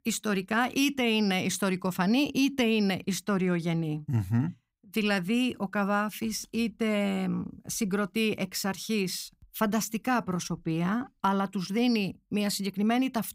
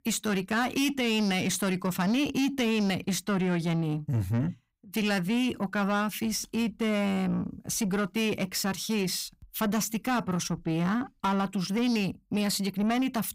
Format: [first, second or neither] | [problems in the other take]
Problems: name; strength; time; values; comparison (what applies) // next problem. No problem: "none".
first | distortion; slight; 10 dB below the speech